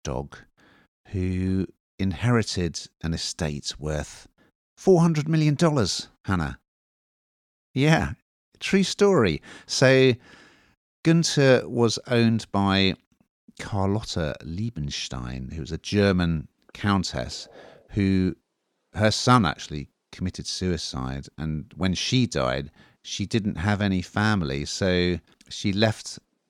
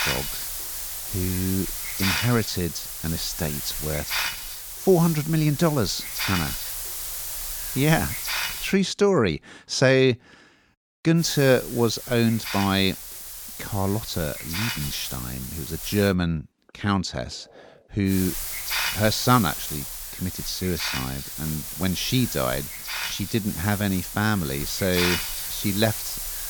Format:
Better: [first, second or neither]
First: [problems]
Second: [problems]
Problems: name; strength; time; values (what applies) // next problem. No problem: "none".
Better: first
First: none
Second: hiss; loud; until 8.5 s, from 11 to 16 s and from 18 s on; 4 dB below the speech